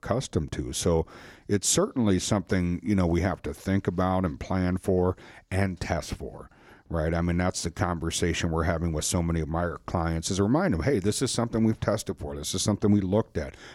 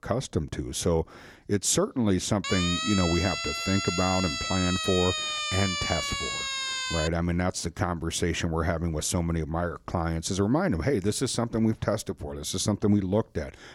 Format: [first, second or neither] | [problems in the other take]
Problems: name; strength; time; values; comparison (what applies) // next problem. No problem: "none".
first | siren; loud; from 2.5 to 7 s; peak level with the speech